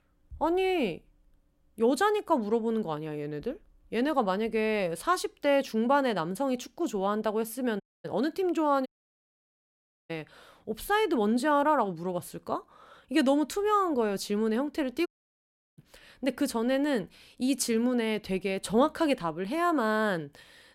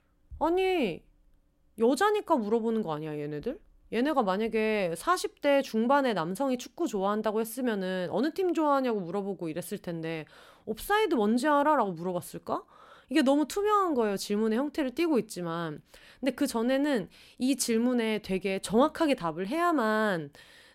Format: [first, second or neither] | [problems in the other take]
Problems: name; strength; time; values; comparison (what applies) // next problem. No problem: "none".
second | audio cutting out; at 8 s, at 9 s for 1 s and at 15 s for 0.5 s